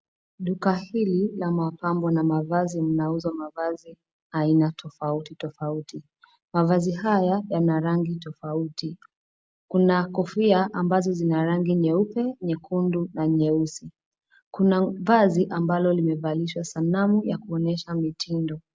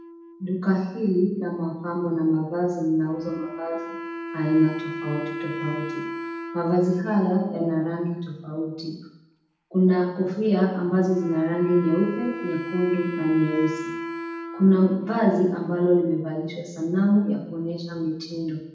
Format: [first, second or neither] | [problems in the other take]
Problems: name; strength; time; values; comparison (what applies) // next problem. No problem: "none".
first | background sound (Wind instrument, woodwind instrument); 12 dB below the speech // room echo; dies away in 0.8 s